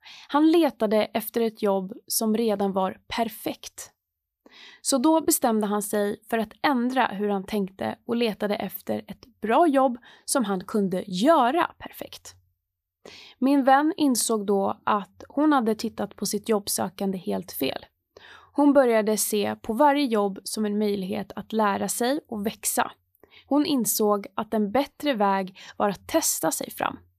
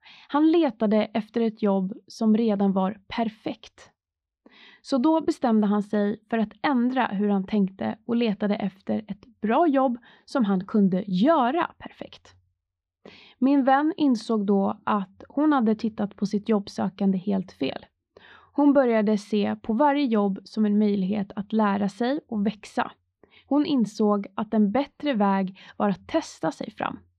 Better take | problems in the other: first | muffled; slightly; fading above 4 kHz

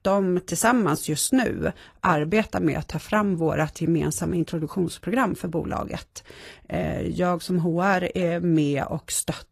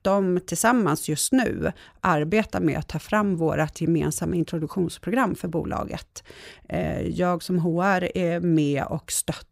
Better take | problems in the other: second | garbled, watery; slightly; nothing above 14 kHz

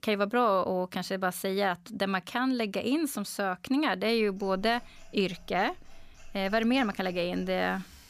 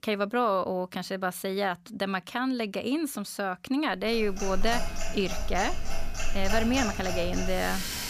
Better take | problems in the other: first | household noises; loud; from 4.5 s on; 5 dB below the speech; faint in the first

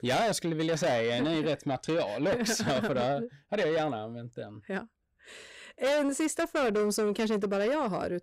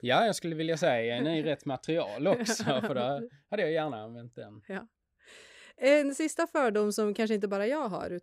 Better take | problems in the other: second | distortion; heavy; 8 dB below the speech

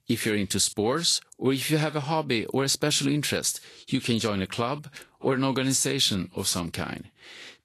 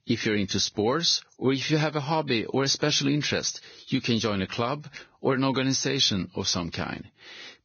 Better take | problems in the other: first | garbled, watery; badly; nothing above 6.5 kHz; slightly in the first

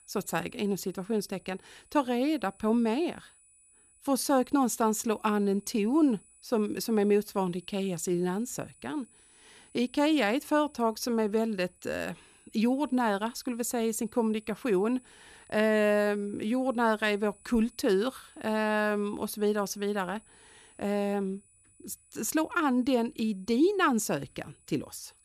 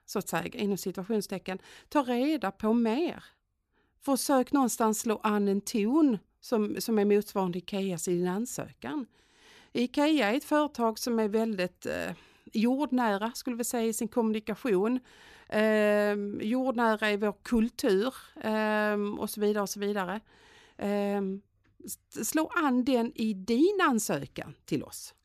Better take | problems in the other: second | high-pitched whine; faint; throughout; 9.5 kHz, 30 dB below the speech

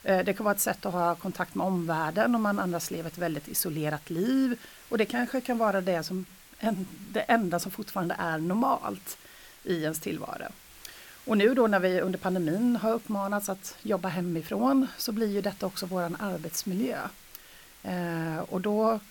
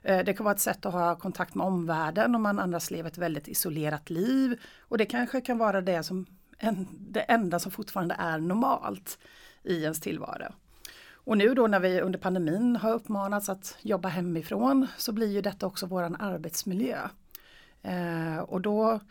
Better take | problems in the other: second | hiss; faint; throughout; 20 dB below the speech

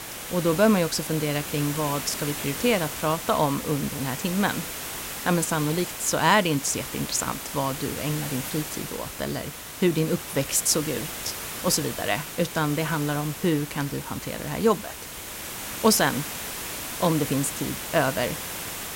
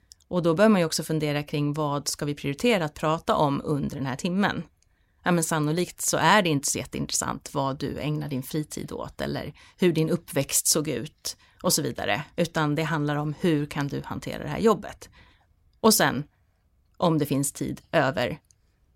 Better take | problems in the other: second | hiss; loud; throughout; 7 dB below the speech

